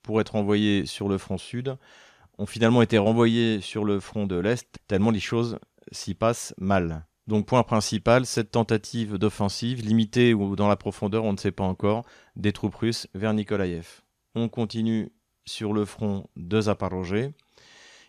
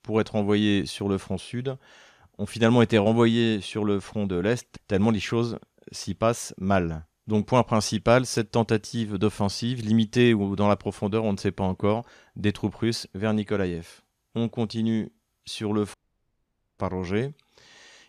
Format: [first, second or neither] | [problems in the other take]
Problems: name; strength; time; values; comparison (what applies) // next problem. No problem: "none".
first | audio cutting out; at 16 s for 1 s